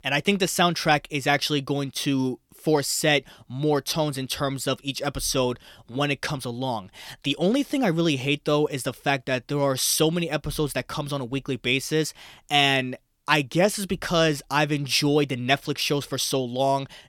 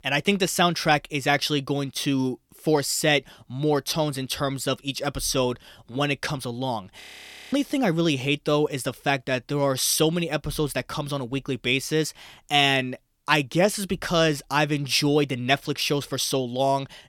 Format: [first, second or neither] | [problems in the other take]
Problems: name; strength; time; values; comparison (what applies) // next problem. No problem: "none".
first | audio freezing; at 7 s for 0.5 s